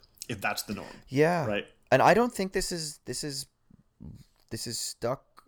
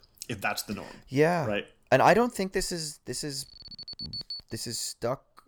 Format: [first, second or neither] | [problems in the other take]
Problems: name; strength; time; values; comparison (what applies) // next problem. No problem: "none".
first | alarm; noticeable; from 3.5 to 4.5 s; peak 7 dB below the speech